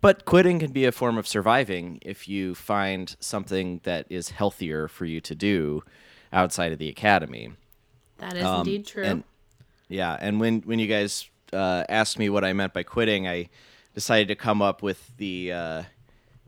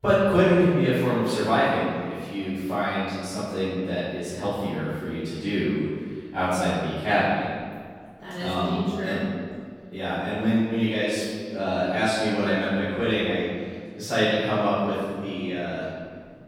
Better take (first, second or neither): first